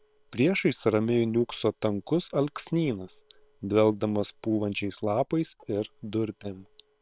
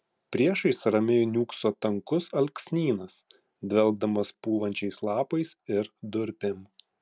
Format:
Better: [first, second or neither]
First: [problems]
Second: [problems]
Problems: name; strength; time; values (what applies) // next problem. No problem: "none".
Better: second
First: noise reduction (neural separator model SepFormer WHAM!)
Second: none